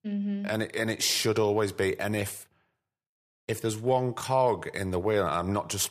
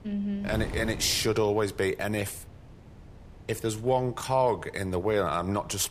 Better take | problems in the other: first | wind noise on the microphone; occasional gusts; 20 dB below the speech

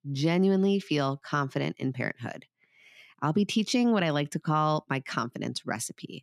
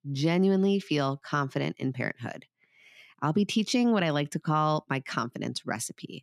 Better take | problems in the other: neither | none

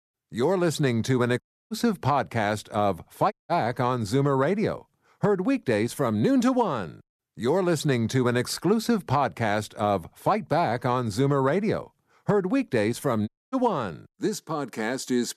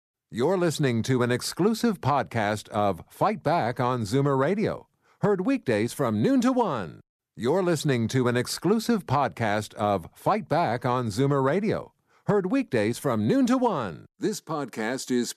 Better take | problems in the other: second | audio cutting out; at 1.5 s, at 3.5 s and at 13 s

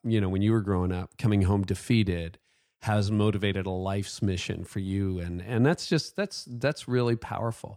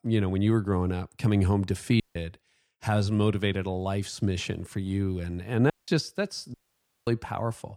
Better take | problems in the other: first | audio cutting out; at 2 s, at 5.5 s and at 6.5 s for 0.5 s

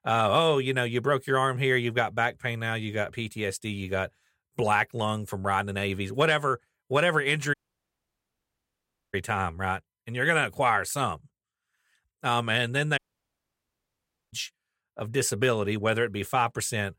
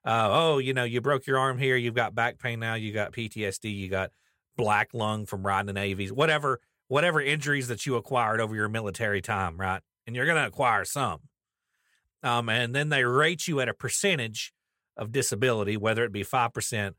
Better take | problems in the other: second | audio cutting out; at 7.5 s for 1.5 s and at 13 s for 1.5 s

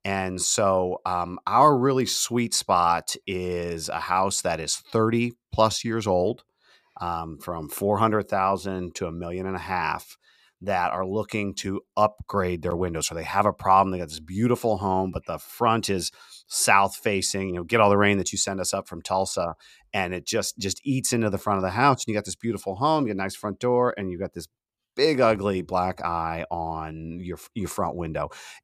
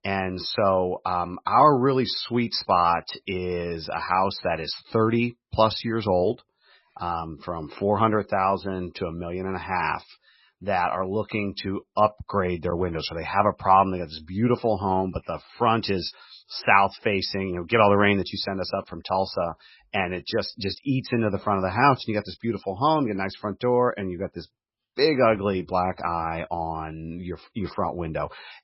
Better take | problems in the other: first | garbled, watery; badly; nothing above 5.5 kHz

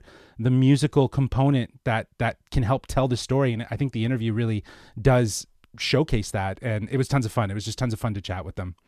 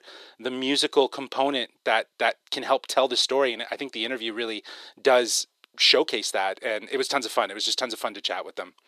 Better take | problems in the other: first | thin; very; fading below 350 Hz

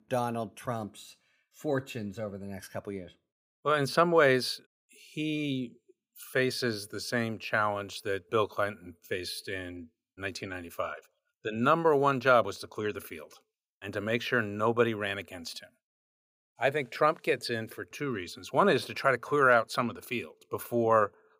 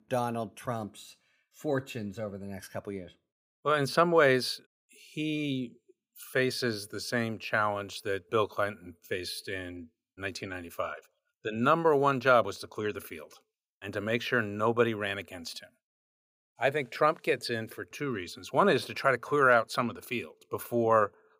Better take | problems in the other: neither | none

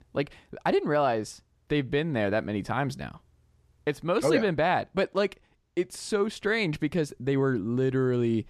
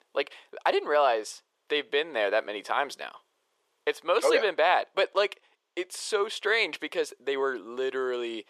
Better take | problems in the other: first | thin; very; fading below 450 Hz

